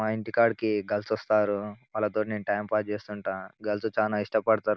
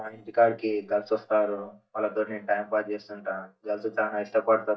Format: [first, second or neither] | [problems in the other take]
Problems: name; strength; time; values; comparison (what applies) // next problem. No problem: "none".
first | noise reduction (neural mask model DeepFilterNet 3)